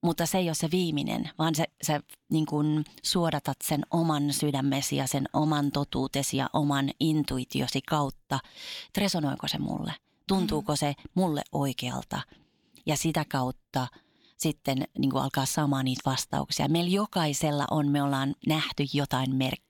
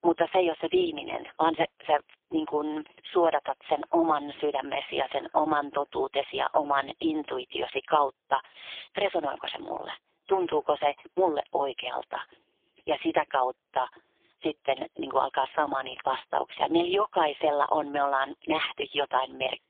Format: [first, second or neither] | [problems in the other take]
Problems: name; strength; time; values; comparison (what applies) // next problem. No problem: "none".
first | phone-call audio; poor line; nothing above 3.5 kHz